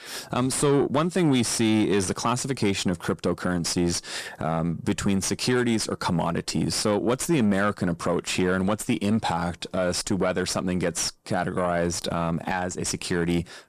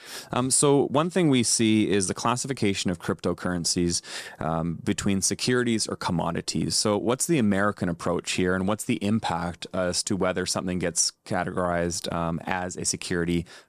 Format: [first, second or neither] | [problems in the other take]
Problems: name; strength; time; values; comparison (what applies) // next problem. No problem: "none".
second | distortion; slight; 10 dB below the speech